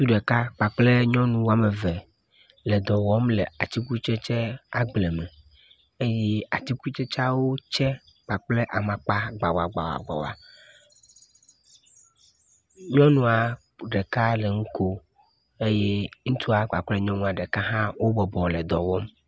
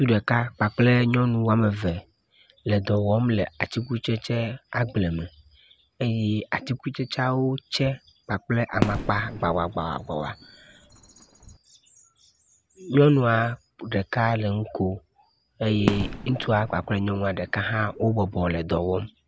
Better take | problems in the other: first | background sound (Fireworks); 9 dB below the speech

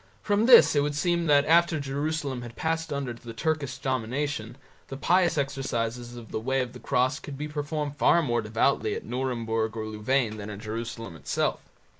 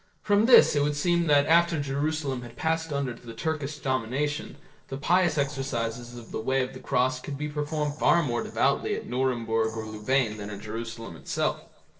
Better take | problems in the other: first | noise reduction (neural separator model SepFormer DNS4)

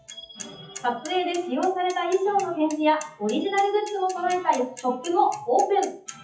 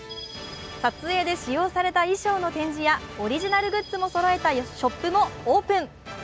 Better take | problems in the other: second | noise reduction (classical method WPE with log-MMSE)

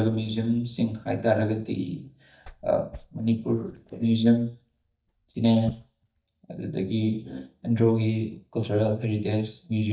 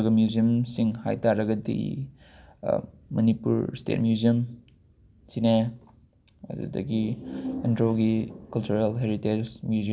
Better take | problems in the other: second | noise reduction (neural mask model DeepFilterNet 3)

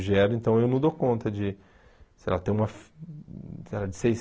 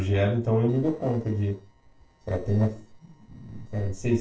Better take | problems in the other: first | noise reduction (neural separator model SepFormer DNS4)

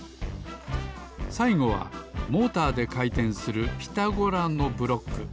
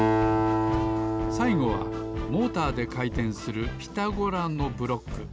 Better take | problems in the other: first | background sound (Acoustic guitar); as loud as the speech

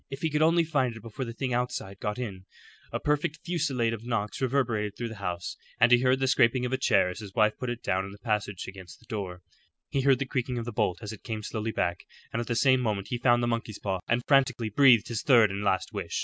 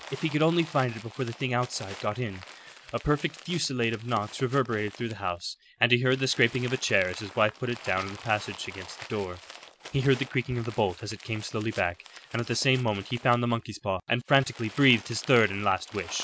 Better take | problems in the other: first | background sound (Crumpling, crinkling); 18 dB below the speech

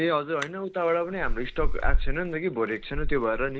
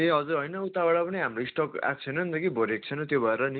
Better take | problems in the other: second | background sound (Chewing, mastication); 1 dB above the speech

